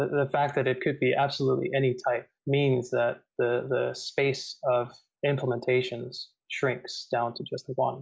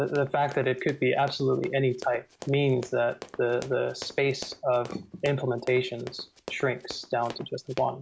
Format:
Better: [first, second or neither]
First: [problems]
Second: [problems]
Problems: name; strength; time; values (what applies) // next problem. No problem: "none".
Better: first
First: none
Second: background sound (Run); 17 dB below the speech